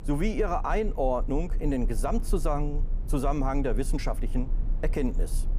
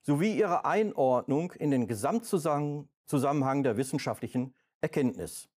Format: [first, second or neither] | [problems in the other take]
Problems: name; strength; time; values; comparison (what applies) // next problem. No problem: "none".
second | low rumble; faint; throughout; 20 dB below the speech